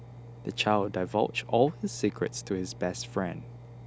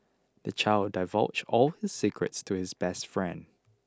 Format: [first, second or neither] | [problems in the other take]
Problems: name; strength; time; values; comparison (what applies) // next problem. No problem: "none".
second | background sound (Engine); 15 dB below the speech